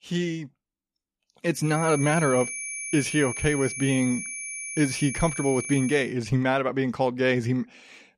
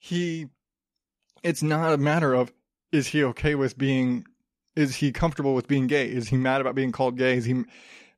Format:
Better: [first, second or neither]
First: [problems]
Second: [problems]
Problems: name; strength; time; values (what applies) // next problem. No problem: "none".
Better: second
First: high-pitched whine; loud; from 1.5 to 6 s; 2.5 kHz, 7 dB below the speech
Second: none